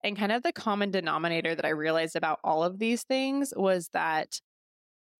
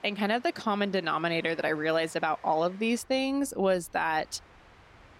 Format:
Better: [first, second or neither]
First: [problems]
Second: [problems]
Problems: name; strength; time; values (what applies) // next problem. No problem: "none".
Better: first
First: none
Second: train or aircraft noise; faint; throughout; 25 dB below the speech